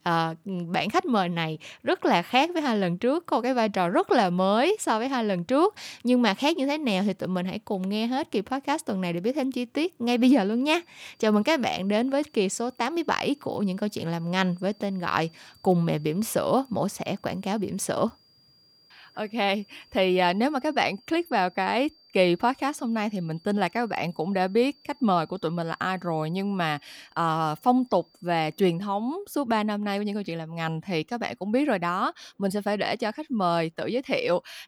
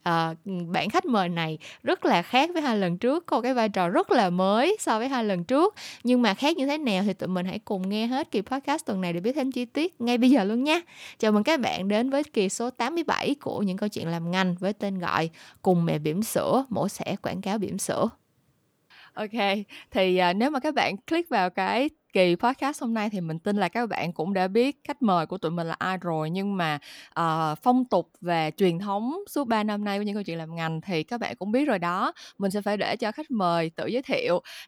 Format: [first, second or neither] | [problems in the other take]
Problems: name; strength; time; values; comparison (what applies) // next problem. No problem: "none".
second | high-pitched whine; faint; from 10 to 29 s; 4.5 kHz, 30 dB below the speech